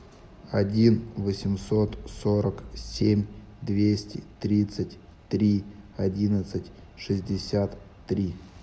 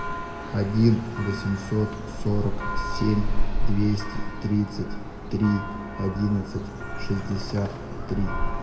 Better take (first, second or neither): first